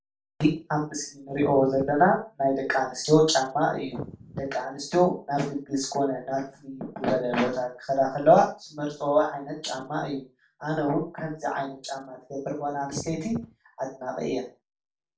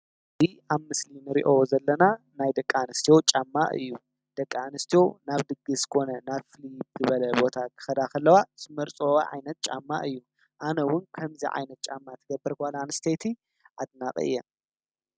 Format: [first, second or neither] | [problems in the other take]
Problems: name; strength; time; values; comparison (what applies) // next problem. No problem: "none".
second | background sound (Wind); 13 dB below the speech // room echo; dies away in 0.3 s